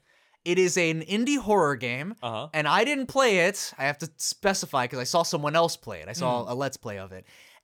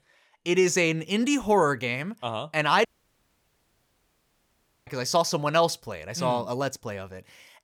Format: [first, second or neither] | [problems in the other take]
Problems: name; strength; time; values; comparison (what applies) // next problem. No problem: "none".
first | audio cutting out; at 3 s for 2 s